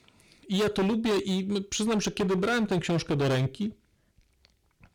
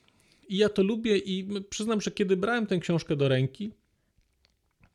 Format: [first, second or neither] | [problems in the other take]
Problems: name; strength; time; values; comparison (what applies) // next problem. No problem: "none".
second | distortion; heavy; 15% of the sound clipped